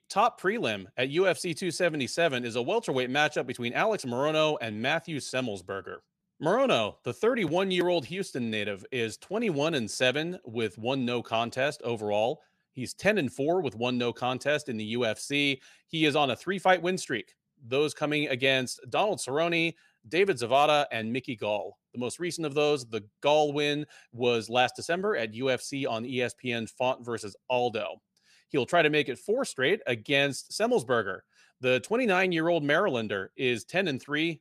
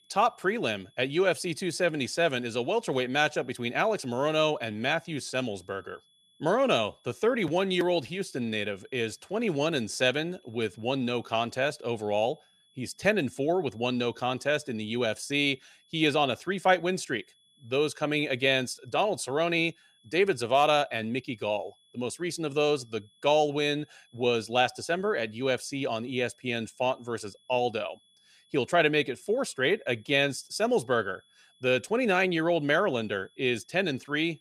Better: first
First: none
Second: high-pitched whine; faint; throughout; 3.5 kHz, 35 dB below the speech

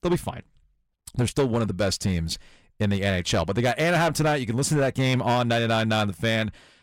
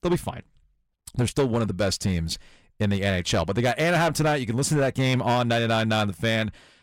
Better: neither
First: distortion; slight; 7% of the sound clipped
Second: distortion; slight; 7% of the sound clipped

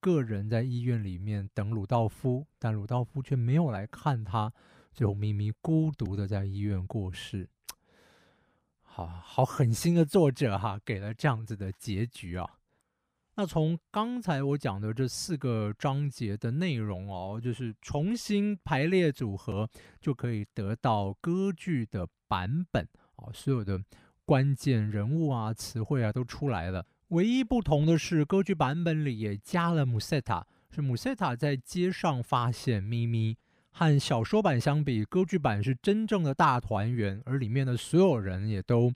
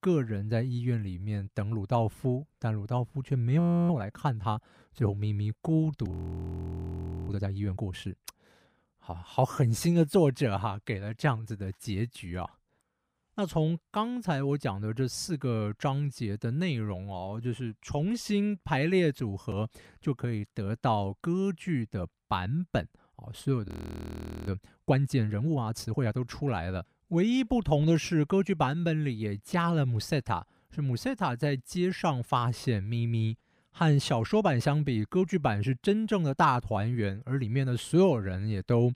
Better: first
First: none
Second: audio freezing; at 3.5 s, at 6 s for 1 s and at 24 s for 1 s

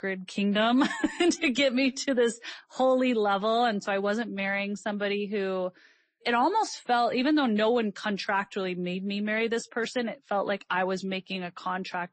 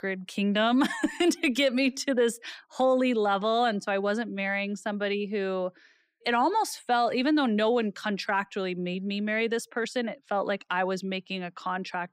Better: second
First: garbled, watery; slightly; nothing above 8 kHz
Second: none

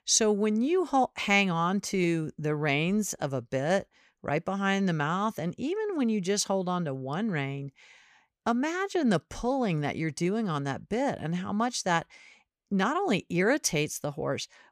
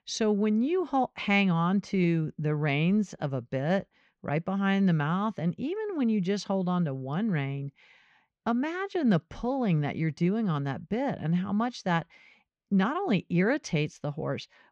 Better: first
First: none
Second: muffled; slightly; fading above 4 kHz

